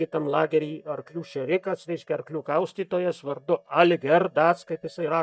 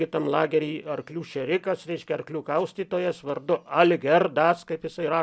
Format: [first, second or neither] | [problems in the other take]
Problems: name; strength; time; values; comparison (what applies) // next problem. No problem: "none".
second | noise reduction (neural mask model DeepFilterNet 3)